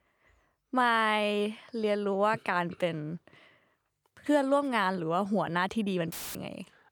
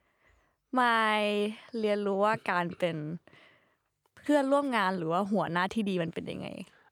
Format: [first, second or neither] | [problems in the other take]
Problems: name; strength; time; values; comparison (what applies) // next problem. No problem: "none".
second | audio cutting out; filled with static; at 6 s